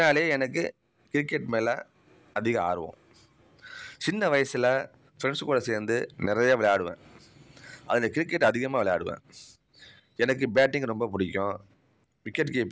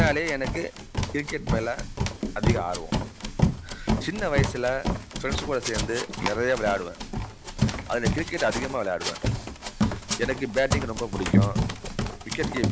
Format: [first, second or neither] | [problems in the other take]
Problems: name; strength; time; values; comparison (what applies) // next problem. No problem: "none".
first | background sound (Run); 2 dB above the speech